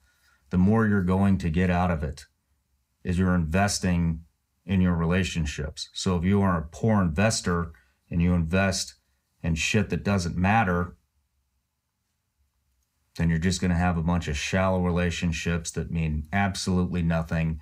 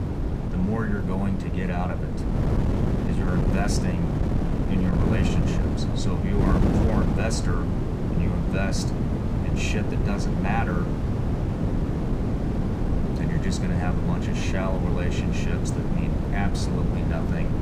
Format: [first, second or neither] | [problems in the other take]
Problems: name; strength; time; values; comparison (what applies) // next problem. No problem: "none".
first | wind noise on the microphone; heavy; as loud as the speech